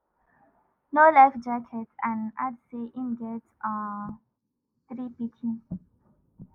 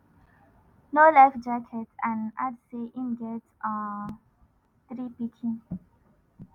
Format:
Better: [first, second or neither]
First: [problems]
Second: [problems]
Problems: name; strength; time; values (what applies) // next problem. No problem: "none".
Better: second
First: noise reduction (neural mask model Resemble Enhance denoiser)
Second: none